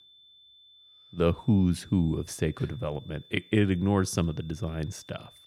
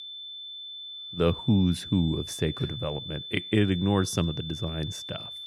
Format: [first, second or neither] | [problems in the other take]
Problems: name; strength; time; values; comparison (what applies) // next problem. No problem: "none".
first | high-pitched whine; loud; throughout; 3.5 kHz, 9 dB below the speech; faint in the first